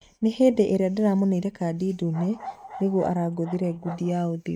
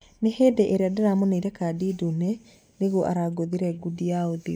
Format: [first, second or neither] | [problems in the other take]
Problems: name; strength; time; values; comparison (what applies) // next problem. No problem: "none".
second | noise reduction (neural mask model RNNoise)